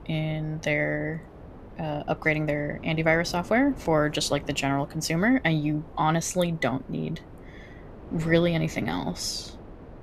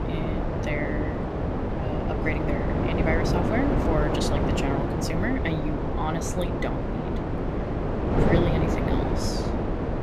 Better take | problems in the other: first | wind noise on the microphone; heavy; 2 dB above the speech; occasional gusts in the first

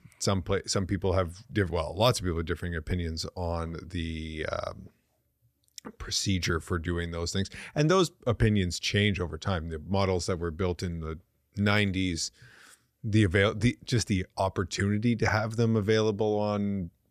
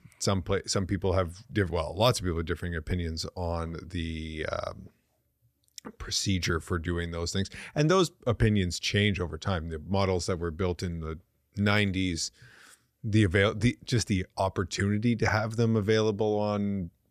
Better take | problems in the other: neither | none

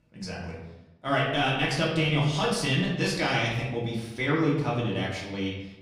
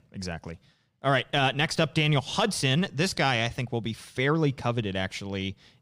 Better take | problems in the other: second | room echo; noticeable; dies away in 0.8 s // off-mic speech; far

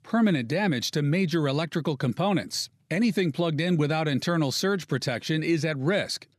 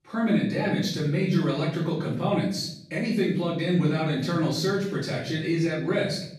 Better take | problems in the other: first | off-mic speech; far // room echo; noticeable; dies away in 0.7 s

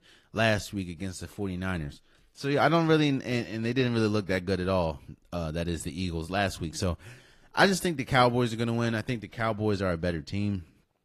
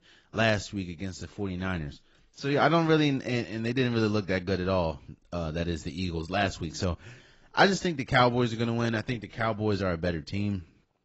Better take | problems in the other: first | garbled, watery; badly; nothing above 7.5 kHz; slightly in the first

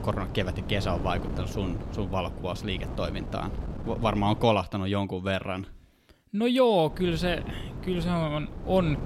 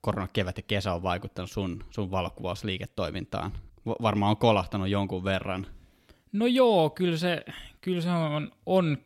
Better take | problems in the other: second | wind noise on the microphone; occasional gusts; until 4.5 s and from 7 s on; 15 dB below the speech

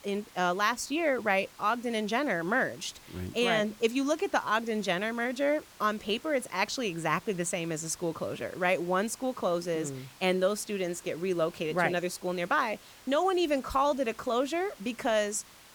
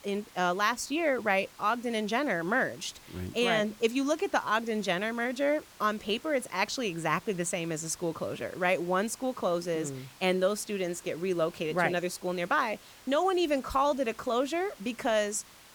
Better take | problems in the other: neither | hiss; faint; throughout; 20 dB below the speech; the same in both

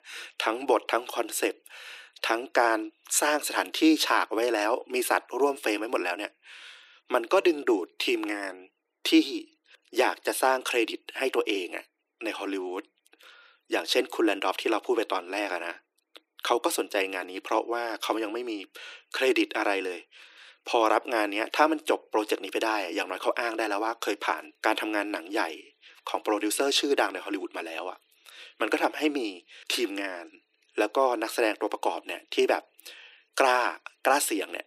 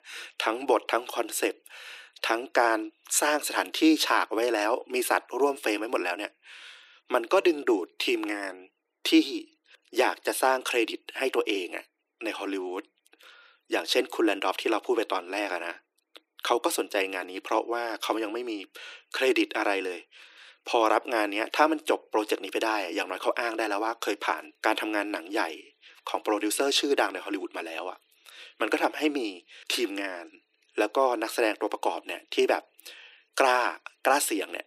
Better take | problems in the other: neither | thin; very; fading below 300 Hz; the same in both

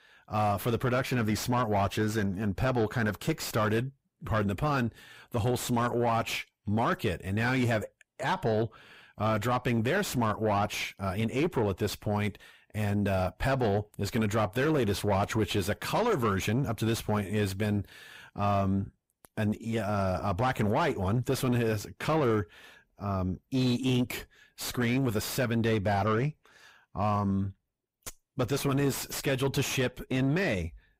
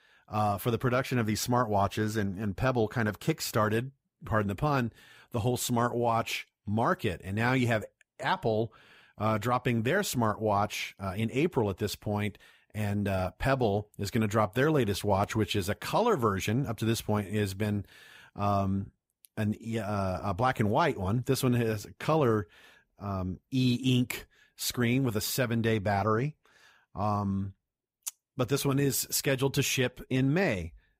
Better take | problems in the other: second | distortion; slight; 9 dB below the speech

